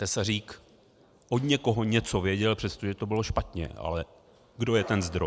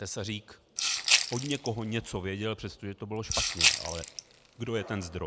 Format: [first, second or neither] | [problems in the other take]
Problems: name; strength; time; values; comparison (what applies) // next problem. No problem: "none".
first | background sound (Rattle (instrument)); 4 dB above the speech